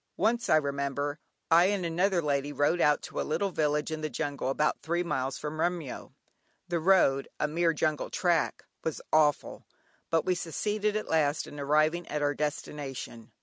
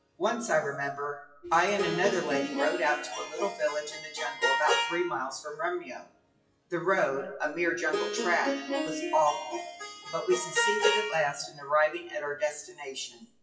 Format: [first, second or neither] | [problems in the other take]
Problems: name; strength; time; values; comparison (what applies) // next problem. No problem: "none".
first | noise reduction (classical method WPE with log-MMSE)